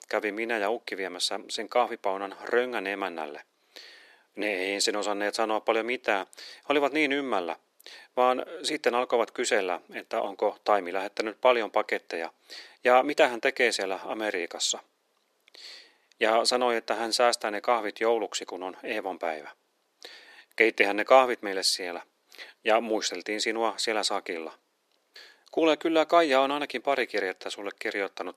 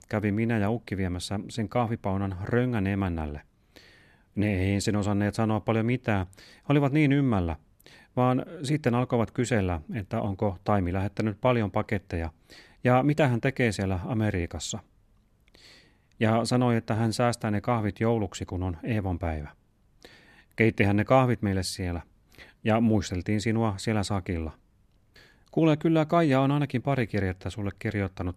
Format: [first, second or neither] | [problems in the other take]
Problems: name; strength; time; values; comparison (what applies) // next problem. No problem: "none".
second | thin; very; fading below 400 Hz